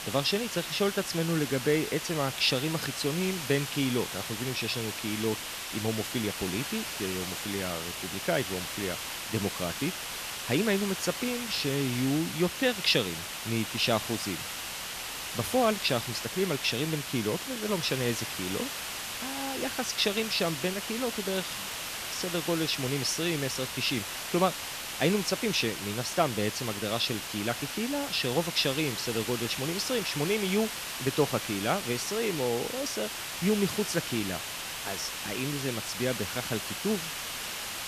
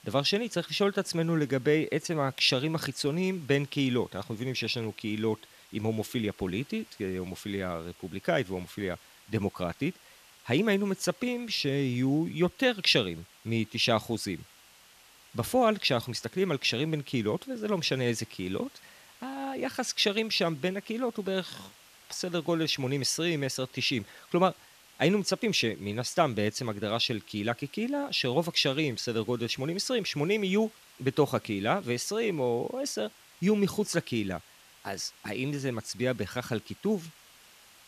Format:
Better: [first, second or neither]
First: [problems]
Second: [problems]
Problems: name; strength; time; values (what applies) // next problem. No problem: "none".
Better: second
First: hiss; loud; throughout; 4 dB below the speech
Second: hiss; faint; throughout; 25 dB below the speech